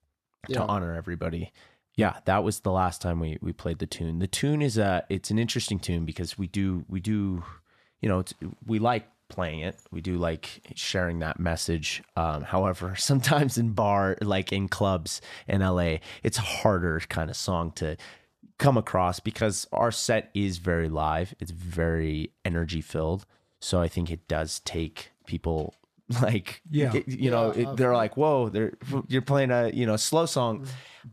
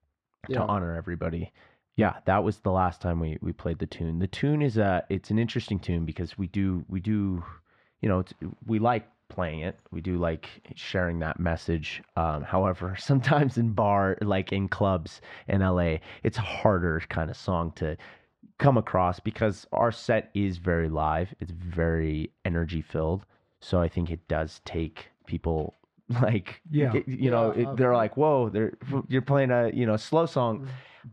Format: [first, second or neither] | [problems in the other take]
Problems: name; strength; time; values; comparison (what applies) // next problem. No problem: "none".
first | muffled; slightly; fading above 2.5 kHz